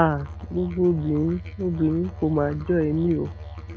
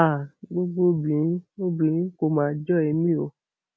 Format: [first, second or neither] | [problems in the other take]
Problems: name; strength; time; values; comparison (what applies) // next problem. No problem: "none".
second | background sound (Telephone + Musical instrument); 12 dB below the speech